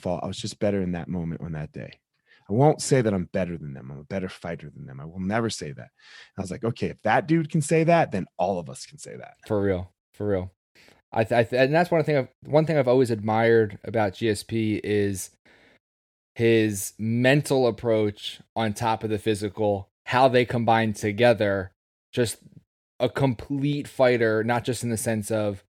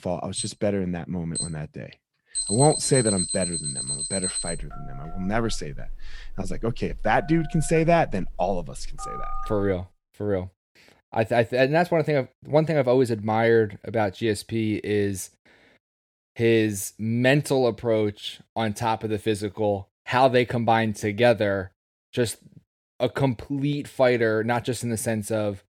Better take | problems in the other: first | alarms or sirens; loud; until 9.5 s; 5 dB below the speech

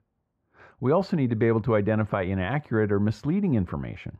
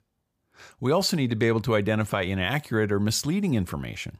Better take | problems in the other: second | muffled; very; fading above 3.5 kHz

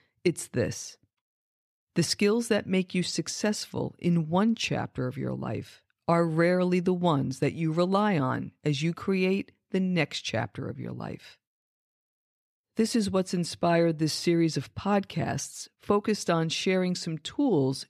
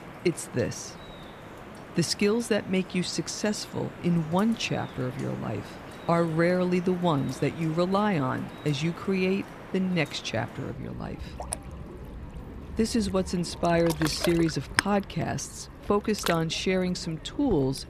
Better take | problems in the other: first | rain or running water; noticeable; throughout; 10 dB below the speech

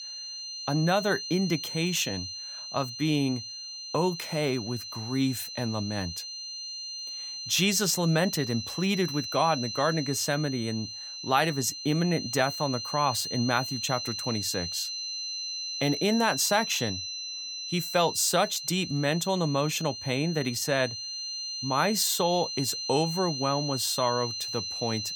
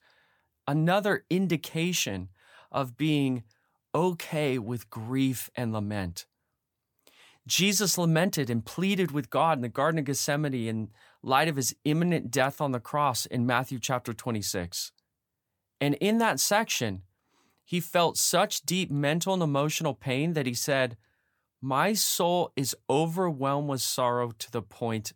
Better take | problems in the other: second | high-pitched whine; loud; throughout; 4 kHz, 6 dB below the speech

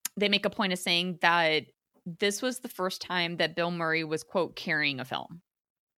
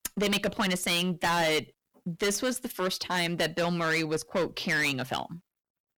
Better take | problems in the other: first | distortion; heavy; 13% of the sound clipped

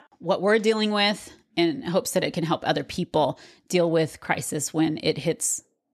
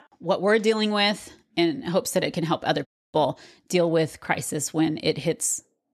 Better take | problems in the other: first | audio cutting out; at 3 s

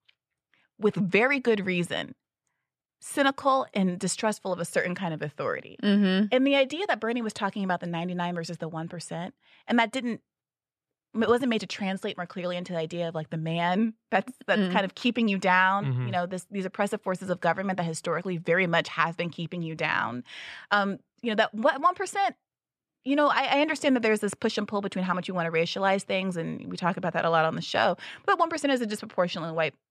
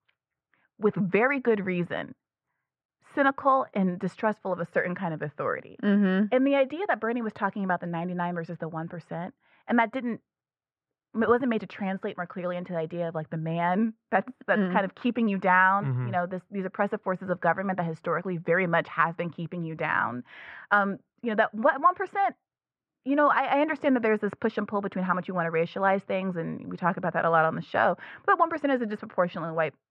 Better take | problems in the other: first | muffled; very; fading above 4 kHz

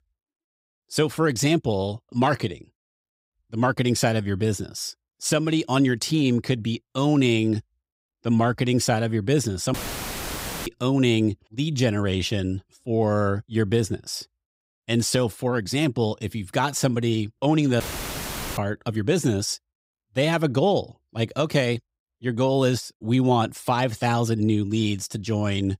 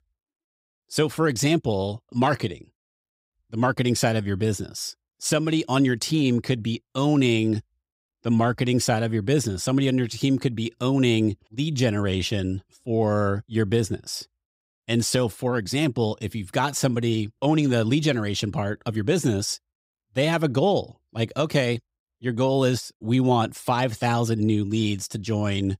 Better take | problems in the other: second | audio cutting out; filled with static; at 9.5 s for 1 s and at 18 s for 1 s

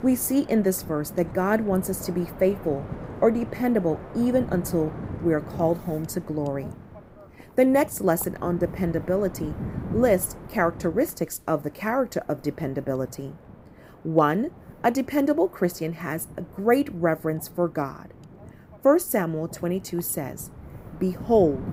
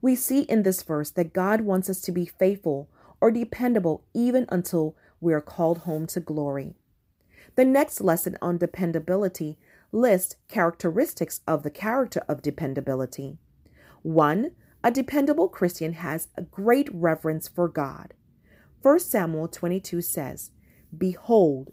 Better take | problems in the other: second | wind noise on the microphone; occasional gusts; 20 dB below the speech

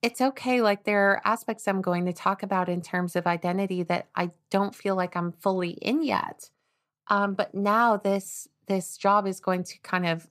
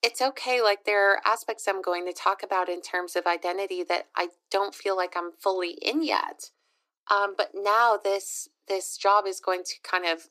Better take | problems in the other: first | thin; very; fading below 300 Hz

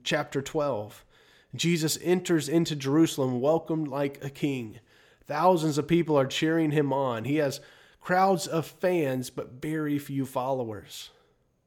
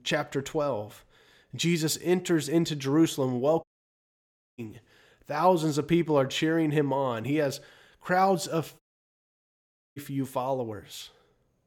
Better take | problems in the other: first | audio cutting out; at 3.5 s for 1 s and at 9 s for 1 s

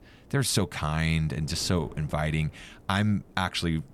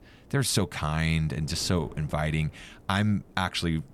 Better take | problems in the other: neither | wind noise on the microphone; occasional gusts; 25 dB below the speech; the same in both

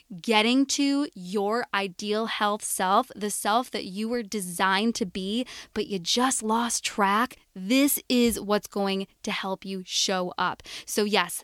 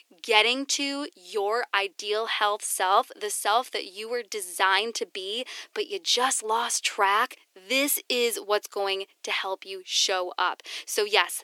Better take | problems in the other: first | thin; somewhat; fading below 350 Hz

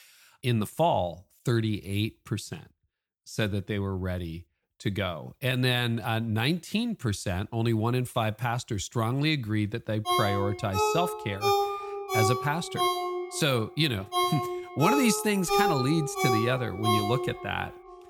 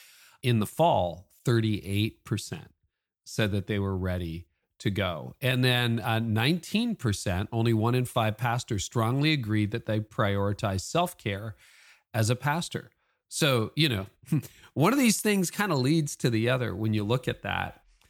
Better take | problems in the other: second | phone ringing; loud; from 10 to 17 s; peak 3 dB above the speech

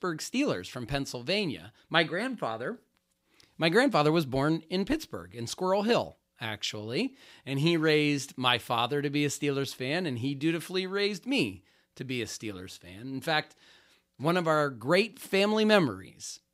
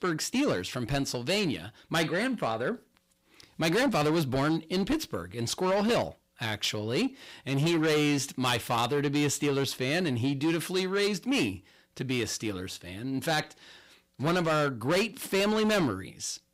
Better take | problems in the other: first | distortion; heavy; 7 dB below the speech

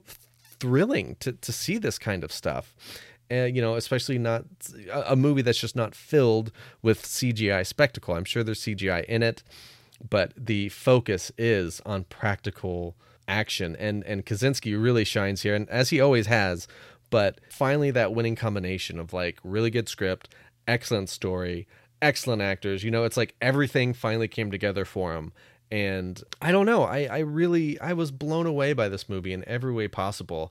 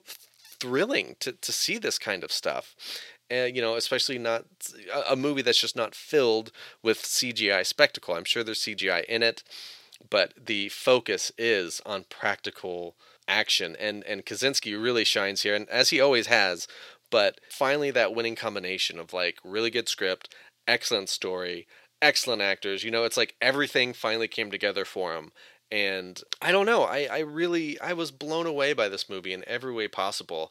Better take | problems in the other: first | thin; somewhat; fading below 350 Hz

